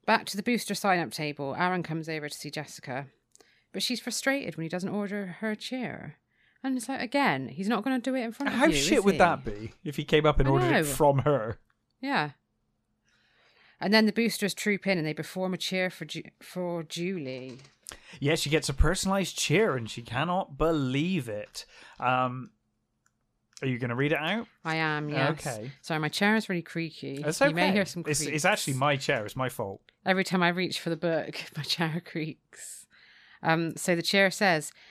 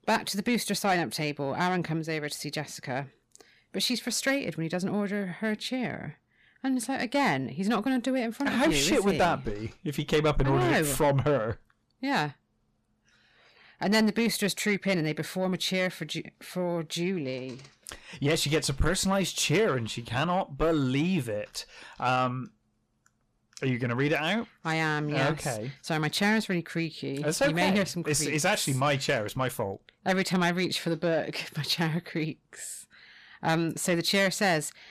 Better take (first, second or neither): first